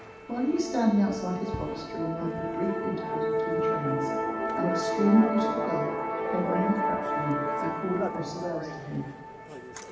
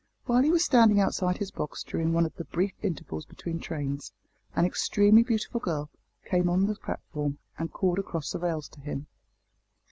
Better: second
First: background sound (Musical instrument); 1 dB below the speech // room echo; dies away in 0.8 s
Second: none

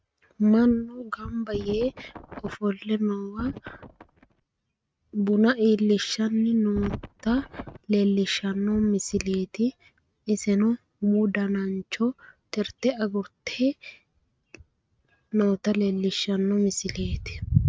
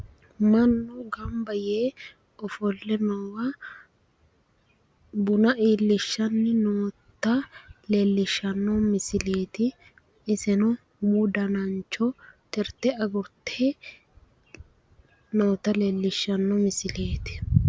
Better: second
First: noise reduction (neural mask model RNNoise)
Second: none

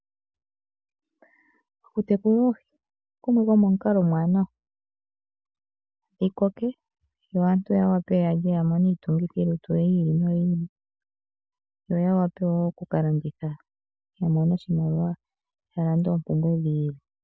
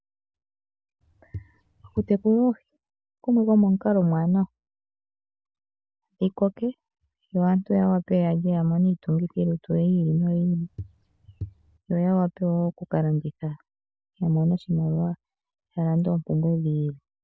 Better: first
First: none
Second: background sound (Walk, footsteps / Bird vocalization, bird call, bird song); 18 dB below the speech

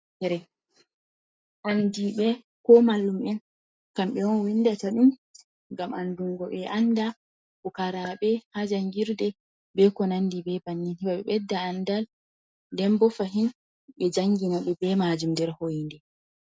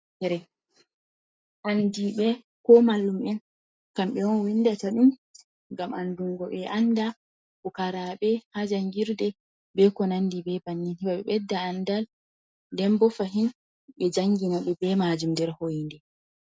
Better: second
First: background sound (Chink, clink); 19 dB below the speech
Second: none

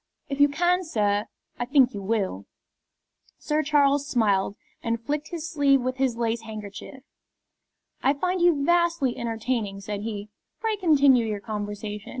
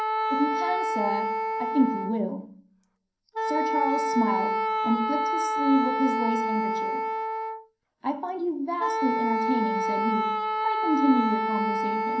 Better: first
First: none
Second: background sound (Wind instrument, woodwind instrument); 1 dB above the speech // room echo; dies away in 0.6 s

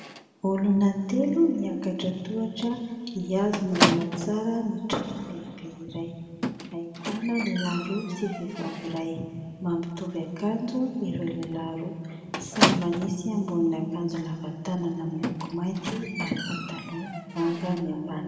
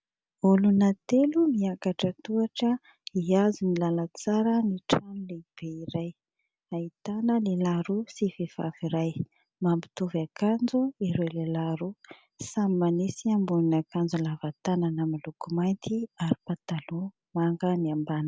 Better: second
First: background sound (Squeak); 5 dB below the speech // room echo; dies away in 2.1 s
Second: none

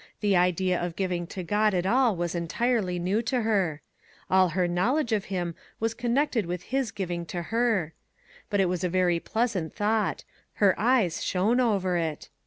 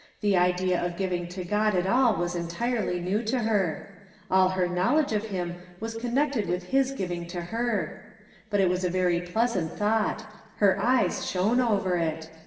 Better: first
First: none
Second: room echo; dies away in 1.2 s

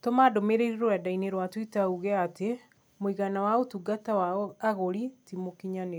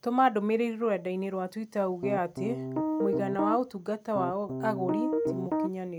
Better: first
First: none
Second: background sound (Piano); 1 dB below the speech

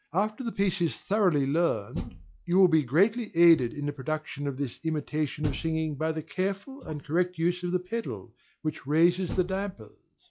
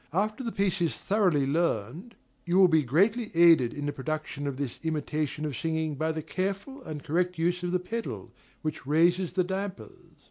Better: second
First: noise reduction (classical method log-MMSE)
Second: none

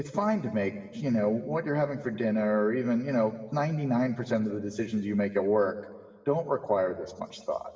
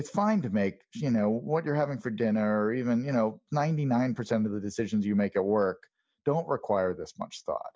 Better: second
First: room echo; dies away in 1.6 s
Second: none

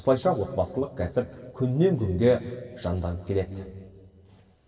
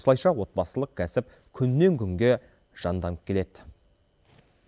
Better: second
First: room echo; dies away in 2.1 s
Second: none

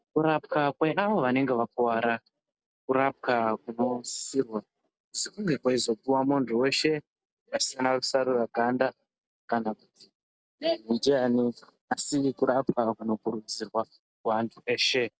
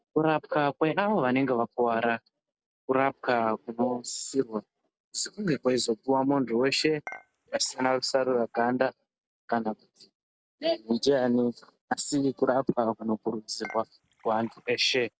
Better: first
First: none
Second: background sound (Dishes, pots, and pans / Chink, clink); 19 dB below the speech

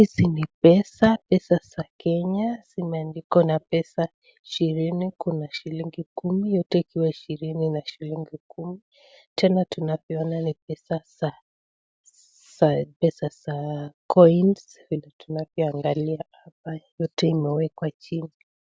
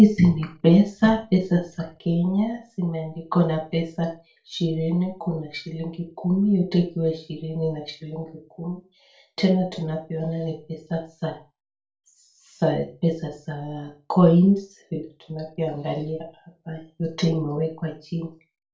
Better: first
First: none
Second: room echo; dies away in 0.3 s

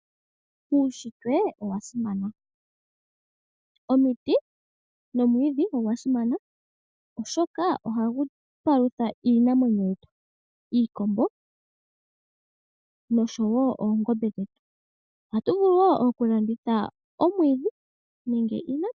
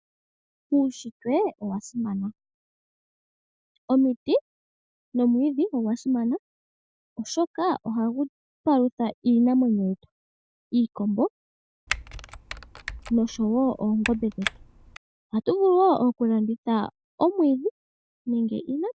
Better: first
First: none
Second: background sound (Typing); 11 dB below the speech

